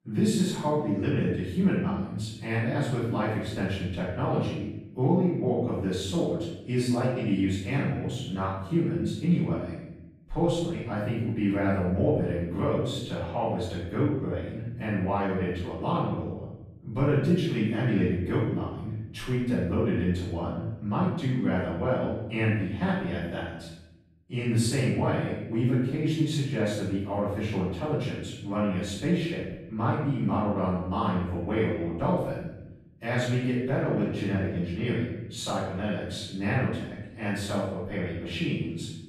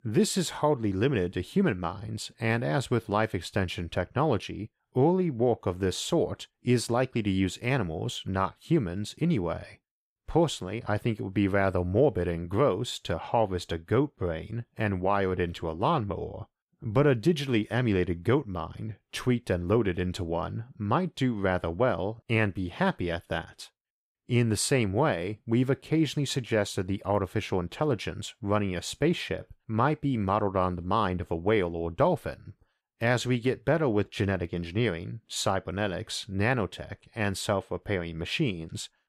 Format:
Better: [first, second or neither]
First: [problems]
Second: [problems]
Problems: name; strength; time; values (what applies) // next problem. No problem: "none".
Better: second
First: off-mic speech; far // room echo; strong; dies away in 0.9 s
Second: none